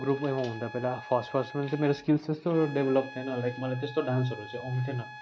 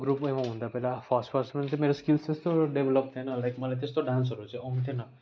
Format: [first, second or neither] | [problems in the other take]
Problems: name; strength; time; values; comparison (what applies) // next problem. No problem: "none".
second | background sound (Trumpet); 16 dB below the speech